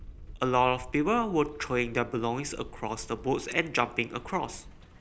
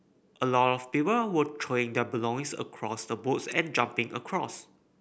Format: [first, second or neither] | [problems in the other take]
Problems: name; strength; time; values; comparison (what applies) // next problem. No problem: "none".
second | background sound (Truck); 17 dB below the speech